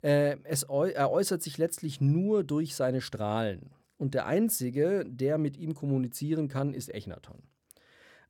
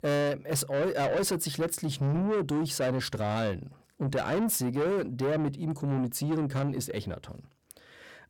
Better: first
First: none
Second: distortion; heavy; 8 dB below the speech

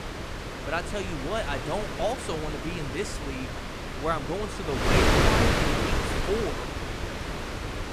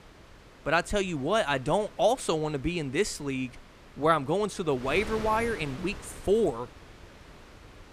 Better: second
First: wind noise on the microphone; heavy; 2 dB above the speech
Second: wind noise on the microphone; occasional gusts; 20 dB below the speech

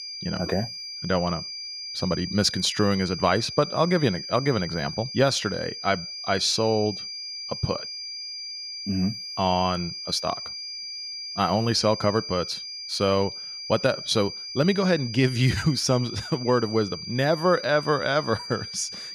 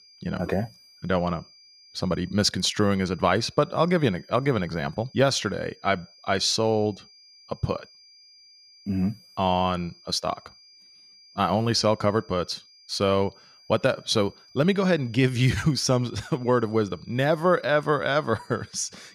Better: second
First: high-pitched whine; loud; throughout; 5 kHz, 8 dB below the speech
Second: high-pitched whine; faint; throughout; 5 kHz, 25 dB below the speech

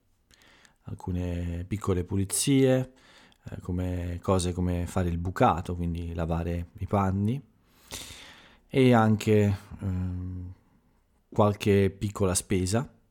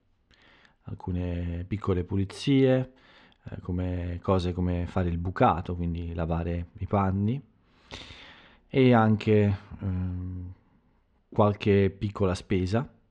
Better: first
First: none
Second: muffled; slightly; fading above 4 kHz

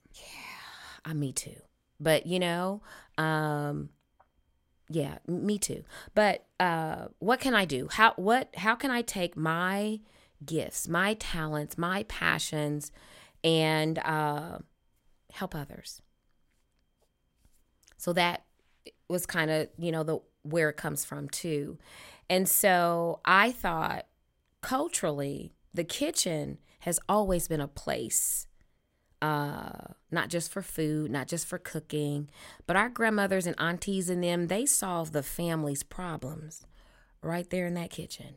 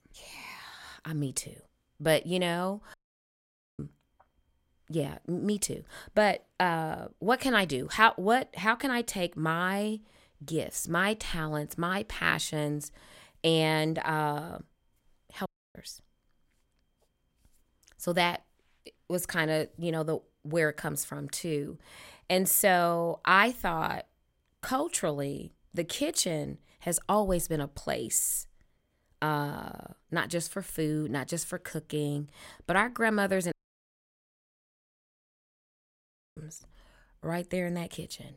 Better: first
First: none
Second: audio cutting out; at 3 s for 1 s, at 15 s and at 34 s for 3 s

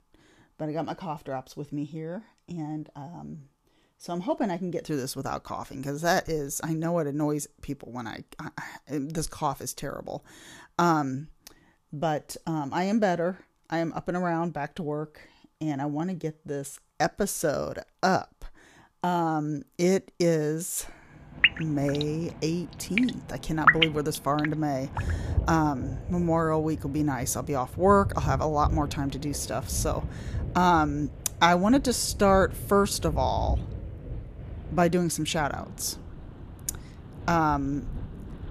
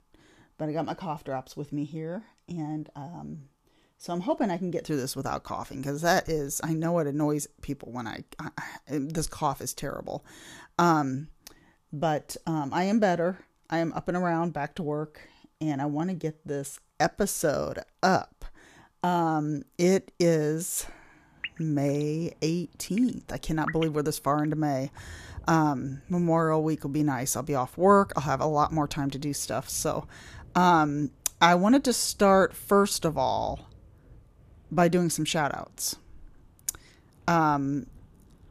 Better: second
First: rain or running water; loud; from 21 s on; 4 dB below the speech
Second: rain or running water; faint; from 21 s on; 20 dB below the speech

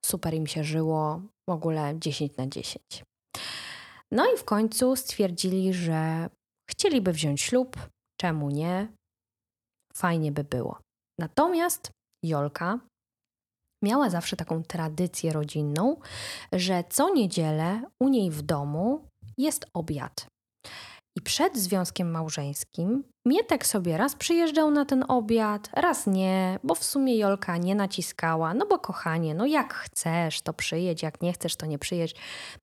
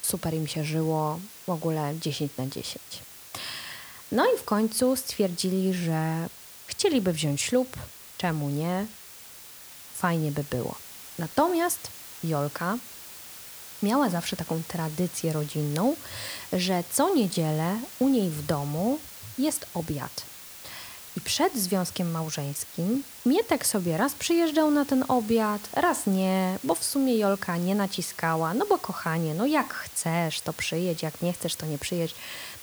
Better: first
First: none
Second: hiss; noticeable; throughout; 15 dB below the speech

